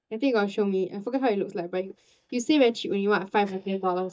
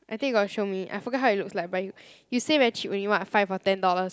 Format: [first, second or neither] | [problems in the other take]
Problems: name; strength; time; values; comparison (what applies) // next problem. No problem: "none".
second | noise reduction (neural mask model DeepFilterNet 3)